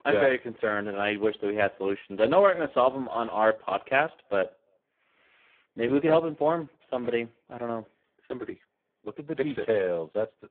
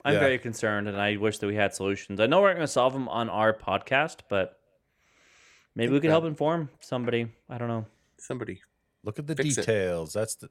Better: second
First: phone-call audio; poor line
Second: none

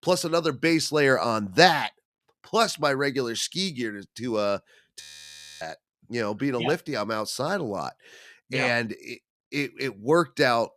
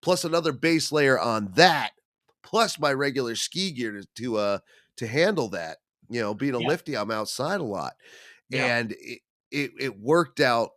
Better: second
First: audio freezing; at 5 s for 0.5 s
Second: none

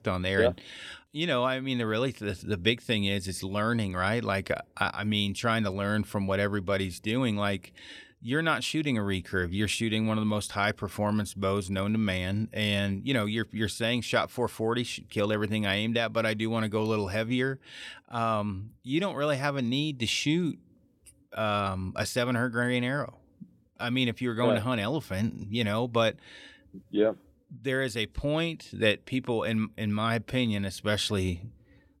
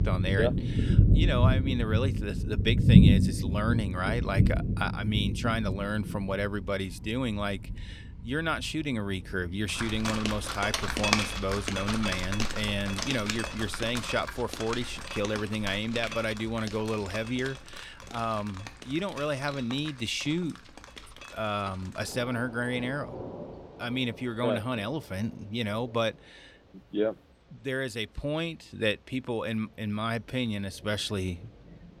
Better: first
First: none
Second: rain or running water; very loud; throughout; 3 dB above the speech

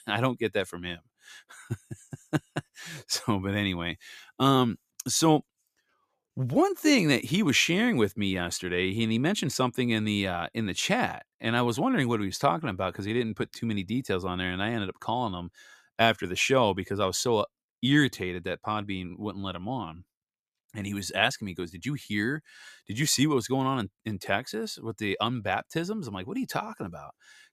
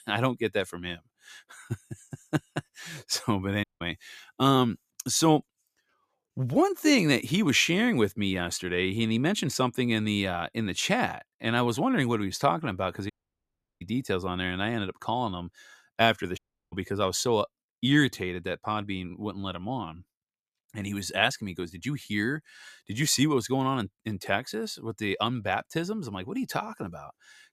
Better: first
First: none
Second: audio cutting out; at 3.5 s, at 13 s for 0.5 s and at 16 s

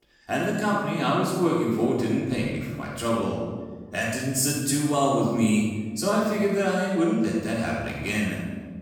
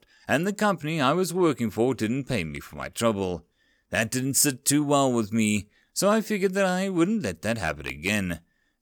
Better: second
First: off-mic speech; far // room echo; strong; dies away in 1.4 s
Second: none

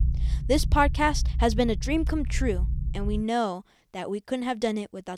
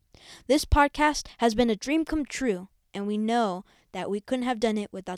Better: second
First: low rumble; faint; until 3 s; 20 dB below the speech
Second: none

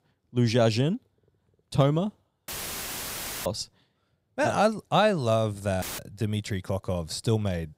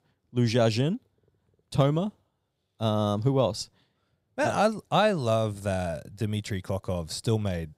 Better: second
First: audio cutting out; filled with static; at 2.5 s for 1 s and at 6 s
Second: none

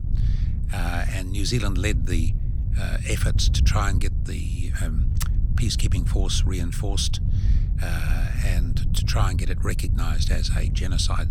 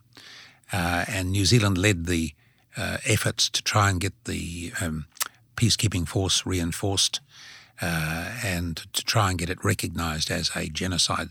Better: second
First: wind noise on the microphone; occasional gusts; 10 dB below the speech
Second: none

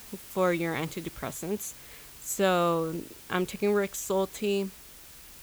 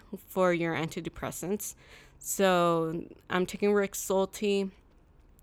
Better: second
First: hiss; noticeable; throughout; 15 dB below the speech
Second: none

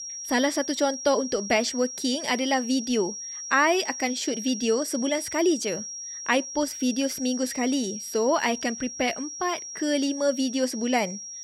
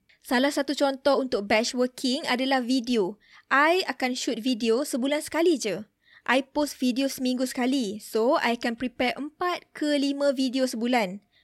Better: second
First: high-pitched whine; loud; throughout; 5.5 kHz, 8 dB below the speech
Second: none

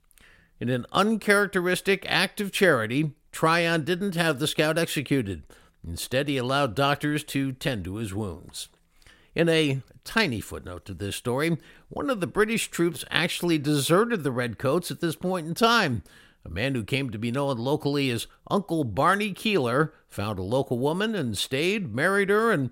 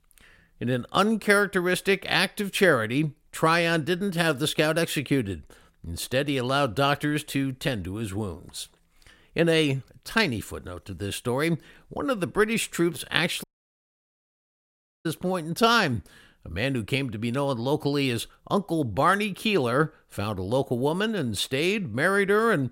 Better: first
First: none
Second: audio cutting out; at 13 s for 1.5 s

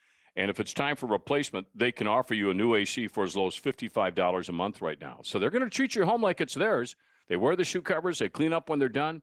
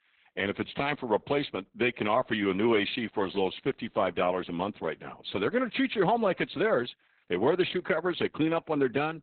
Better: first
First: garbled, watery; slightly; nothing above 15.5 kHz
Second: garbled, watery; badly; nothing above 4 kHz

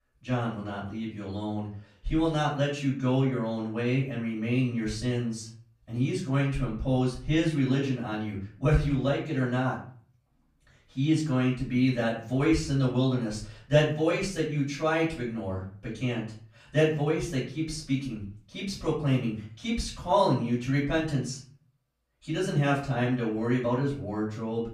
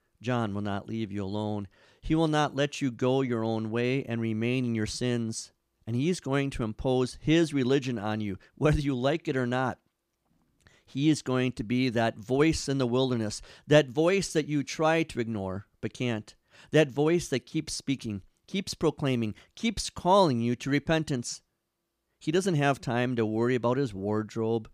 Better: second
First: off-mic speech; far // room echo; slight; dies away in 0.4 s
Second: none

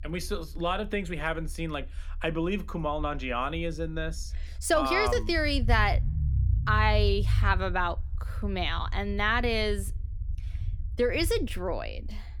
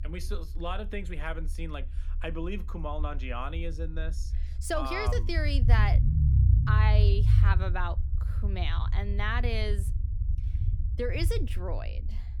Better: first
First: low rumble; faint; throughout; 20 dB below the speech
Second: low rumble; loud; throughout; 9 dB below the speech

